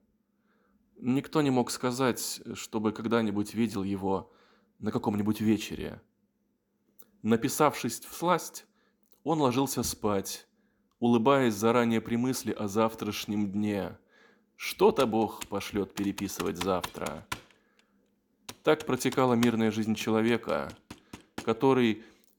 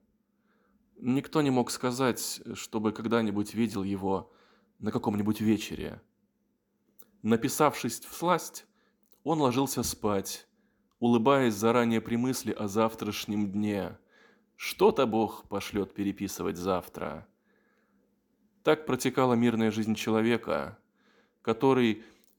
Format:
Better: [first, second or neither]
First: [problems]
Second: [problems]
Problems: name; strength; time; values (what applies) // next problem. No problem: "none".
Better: second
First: keyboard typing; noticeable; from 15 to 21 s; peak 9 dB below the speech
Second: none